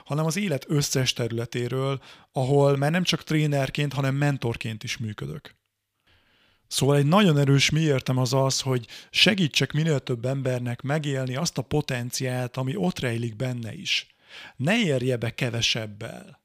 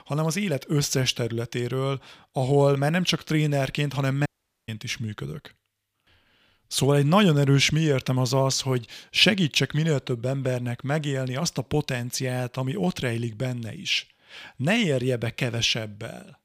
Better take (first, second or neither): first